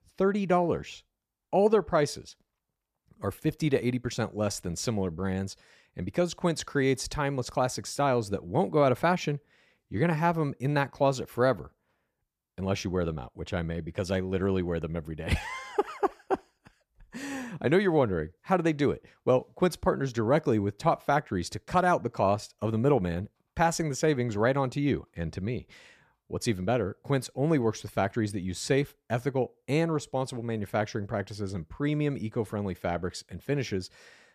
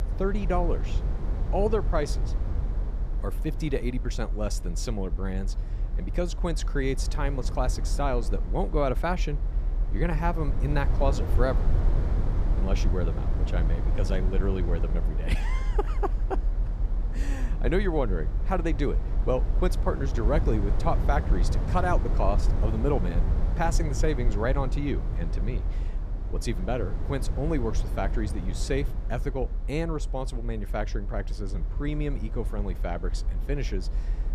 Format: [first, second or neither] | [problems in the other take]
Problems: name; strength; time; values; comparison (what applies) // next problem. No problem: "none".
first | low rumble; noticeable; throughout; 10 dB below the speech